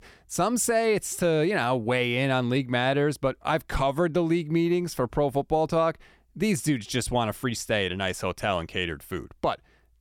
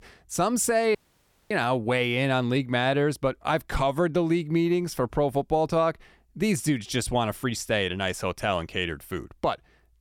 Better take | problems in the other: first | audio cutting out; at 1 s for 0.5 s

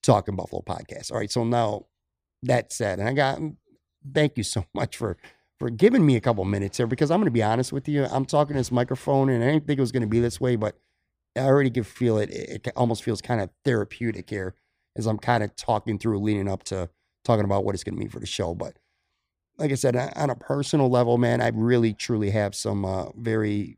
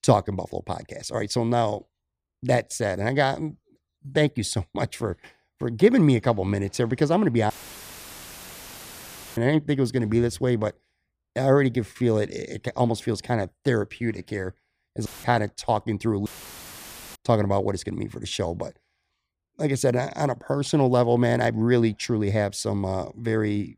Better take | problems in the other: first | audio cutting out; filled with static; at 7.5 s for 2 s, at 15 s and at 16 s for 1 s

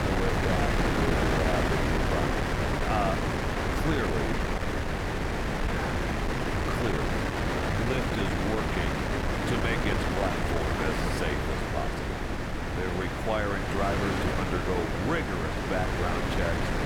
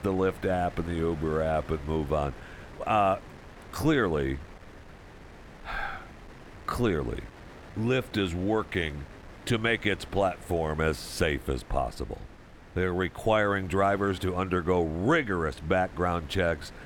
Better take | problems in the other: second | wind noise on the microphone; heavy; 4 dB above the speech; occasional gusts in the second

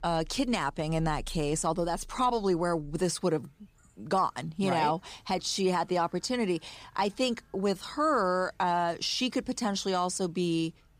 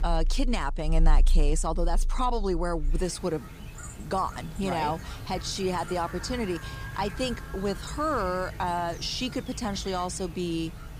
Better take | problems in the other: first | animal sounds; loud; throughout; 4 dB below the speech; faint in the first

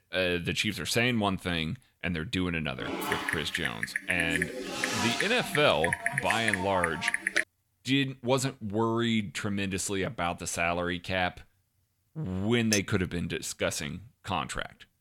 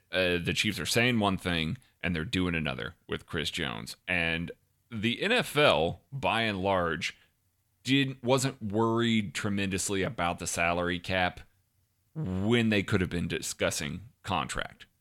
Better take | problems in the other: second | keyboard typing; loud; from 3 to 7.5 s; peak 2 dB above the speech // clattering dishes; noticeable; at 13 s; peak 3 dB below the speech

